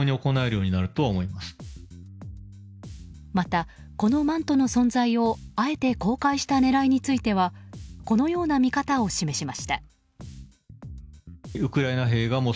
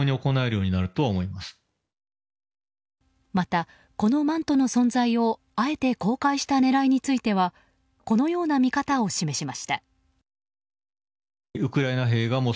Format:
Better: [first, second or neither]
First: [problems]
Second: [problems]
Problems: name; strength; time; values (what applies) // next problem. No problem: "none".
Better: second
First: background sound (Bass guitar); 17 dB below the speech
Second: none